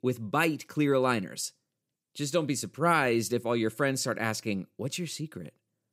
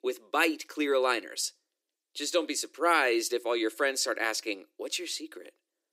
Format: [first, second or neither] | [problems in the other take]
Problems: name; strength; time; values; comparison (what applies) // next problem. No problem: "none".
first | thin; somewhat; fading below 300 Hz